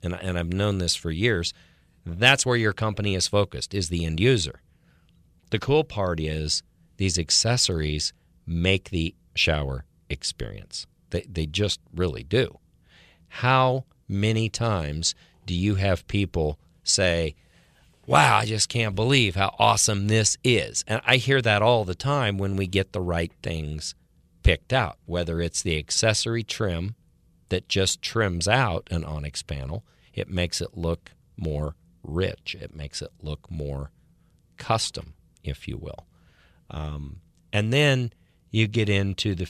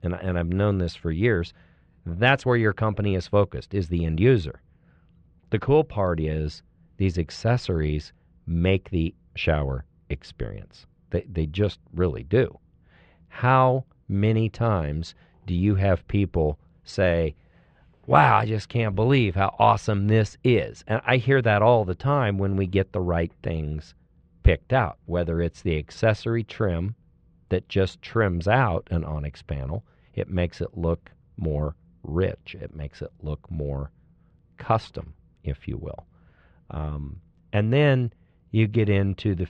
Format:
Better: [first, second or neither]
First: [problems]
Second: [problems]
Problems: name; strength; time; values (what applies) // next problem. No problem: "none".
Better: first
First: none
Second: muffled; very; fading above 1.5 kHz